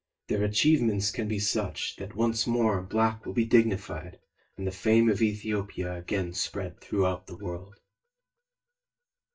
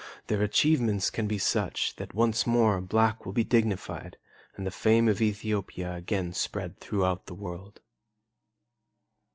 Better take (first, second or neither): second